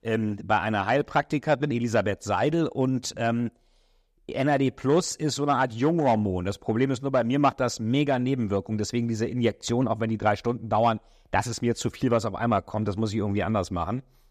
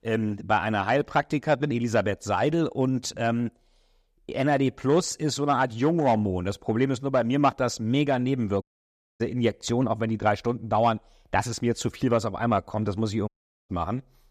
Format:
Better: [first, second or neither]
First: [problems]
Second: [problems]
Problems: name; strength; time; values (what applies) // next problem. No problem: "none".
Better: first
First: none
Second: audio cutting out; at 8.5 s for 0.5 s and at 13 s